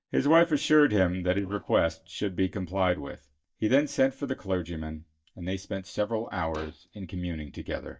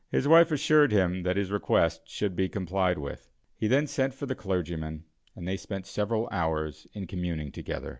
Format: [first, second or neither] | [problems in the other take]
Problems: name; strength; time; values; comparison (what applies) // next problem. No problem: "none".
second | noise reduction (neural mask model DeepFilterNet 3)